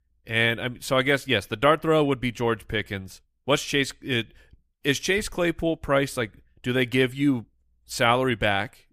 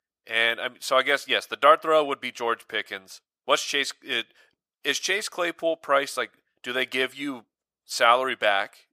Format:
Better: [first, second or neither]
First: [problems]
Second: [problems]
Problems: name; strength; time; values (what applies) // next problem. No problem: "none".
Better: first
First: none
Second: thin; very; fading below 450 Hz